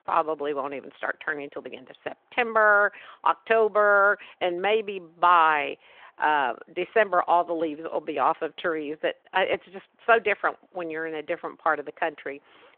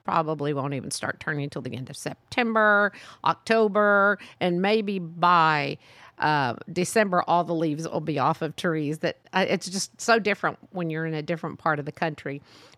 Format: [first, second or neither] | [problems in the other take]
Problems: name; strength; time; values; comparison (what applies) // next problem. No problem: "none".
second | phone-call audio